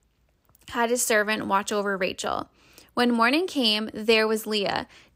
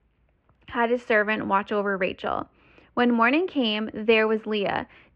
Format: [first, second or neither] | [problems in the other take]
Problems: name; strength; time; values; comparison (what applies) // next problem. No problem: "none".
first | muffled; very; fading above 2.5 kHz